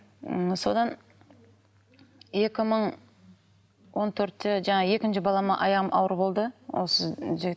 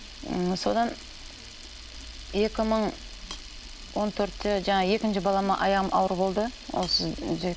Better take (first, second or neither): first